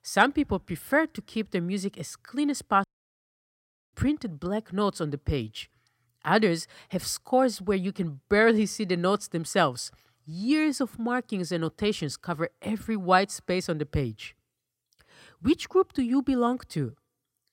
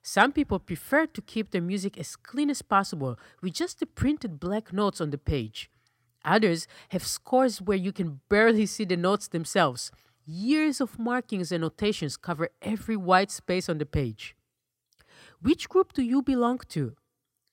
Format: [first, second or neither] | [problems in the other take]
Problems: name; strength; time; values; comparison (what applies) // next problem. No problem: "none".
second | audio cutting out; at 3 s for 1 s